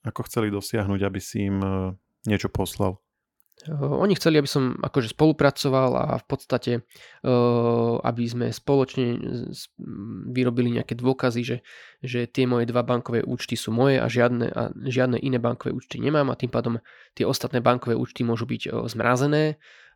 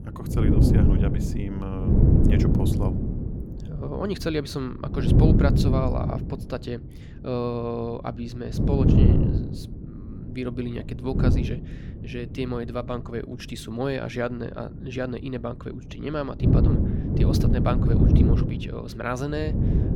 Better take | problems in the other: first | wind noise on the microphone; heavy; 1 dB above the speech

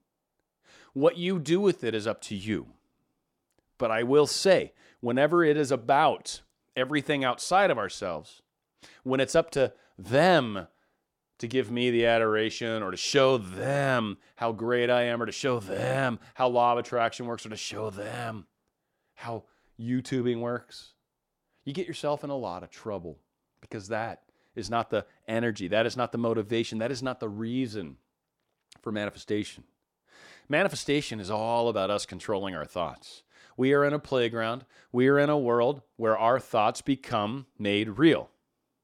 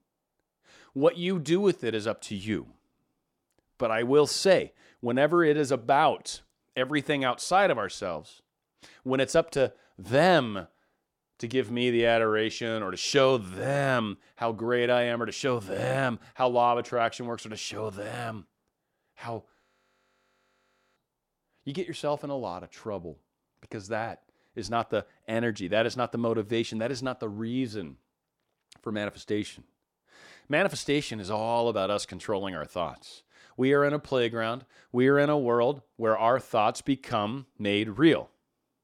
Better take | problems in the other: first | audio freezing; at 20 s for 1.5 s

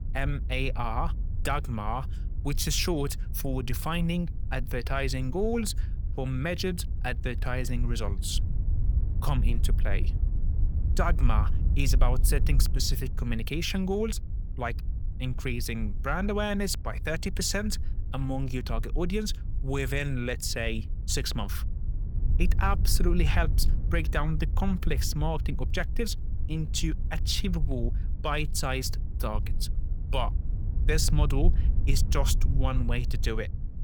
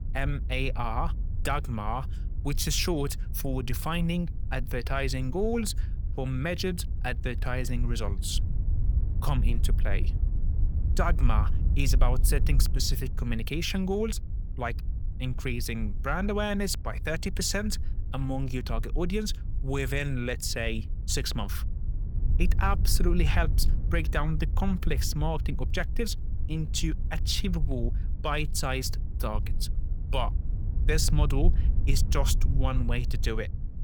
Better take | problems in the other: neither | wind noise on the microphone; occasional gusts; 15 dB below the speech; the same in both

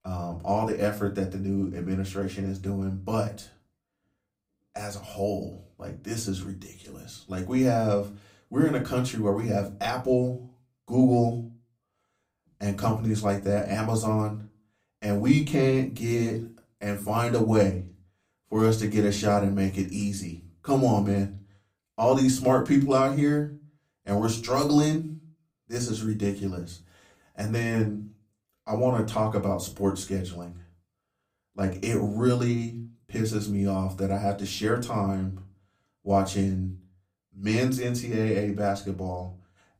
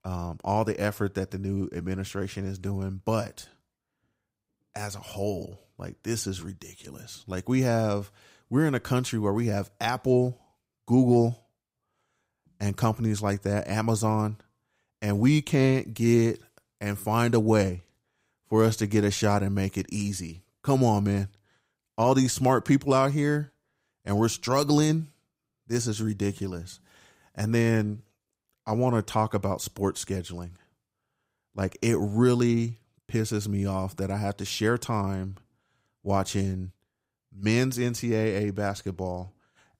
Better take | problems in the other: second | off-mic speech; far // room echo; very slight; dies away in 0.2 s

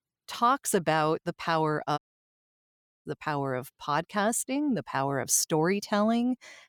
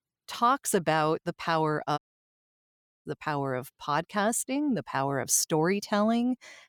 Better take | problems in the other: neither | audio cutting out; at 2 s for 1 s; the same in both

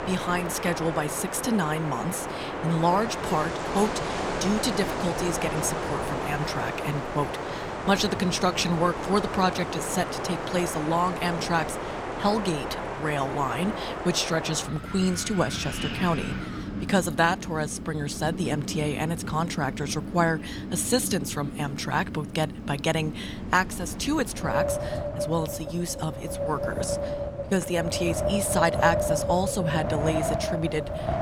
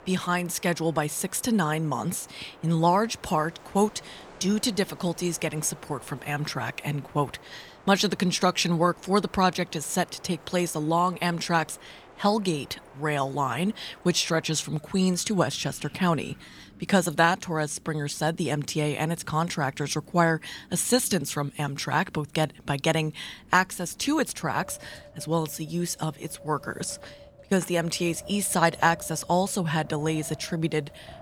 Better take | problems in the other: second | wind in the background; loud; throughout; 4 dB below the speech; faint in the second

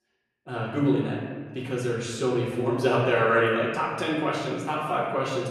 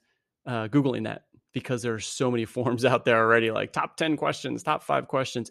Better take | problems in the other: second | off-mic speech; far // room echo; noticeable; dies away in 1.4 s

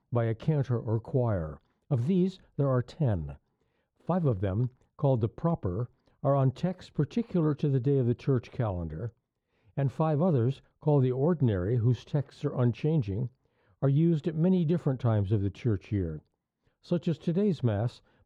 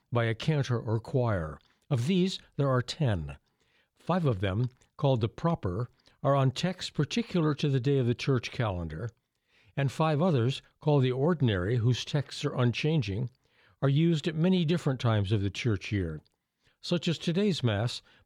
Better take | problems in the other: second | muffled; slightly; fading above 1.5 kHz

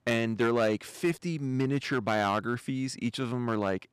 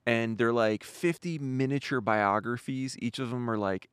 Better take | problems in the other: second | distortion; slight; 4% of the sound clipped

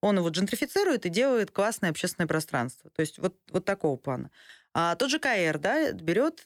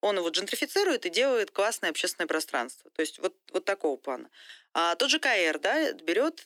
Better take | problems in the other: first | thin; somewhat; fading below 300 Hz

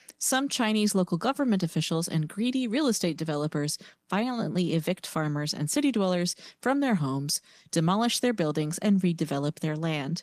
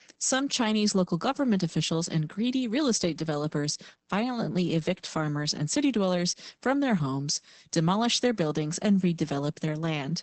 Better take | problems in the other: first | garbled, watery; badly; nothing above 8 kHz; slightly in the first

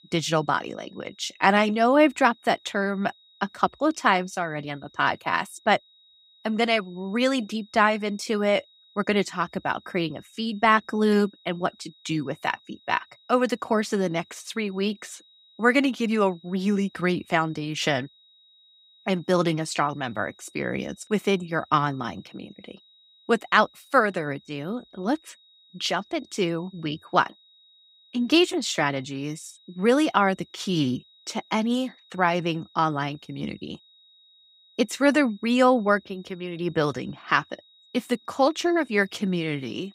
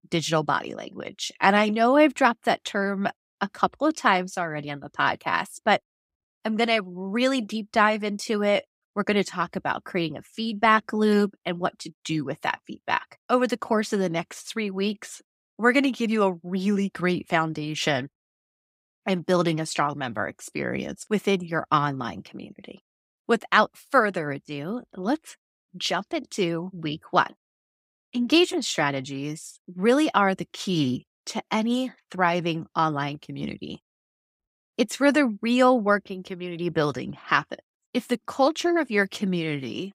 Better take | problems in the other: second | high-pitched whine; faint; throughout; 4 kHz, 30 dB below the speech

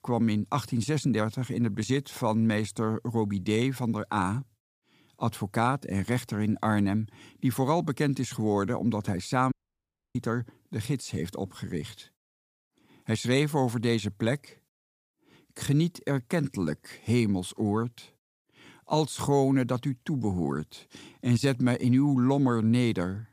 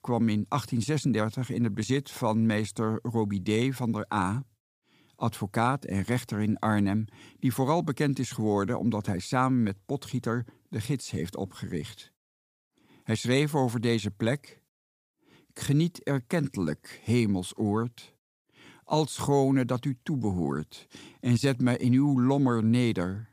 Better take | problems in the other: second | audio cutting out; at 9.5 s for 0.5 s

